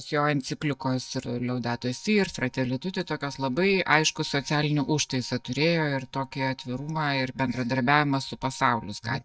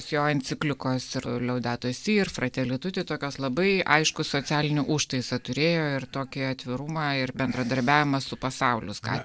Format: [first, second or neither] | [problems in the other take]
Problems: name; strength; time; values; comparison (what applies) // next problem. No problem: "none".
second | noise reduction (neural mask model DeepFilterNet 3)